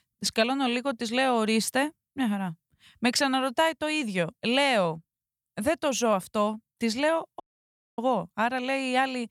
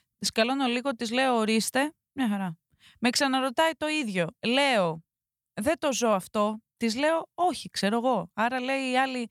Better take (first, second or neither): second